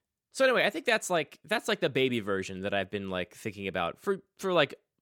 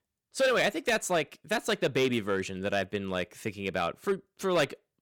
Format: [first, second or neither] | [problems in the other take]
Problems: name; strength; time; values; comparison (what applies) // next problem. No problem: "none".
first | distortion; slight; 4% of the sound clipped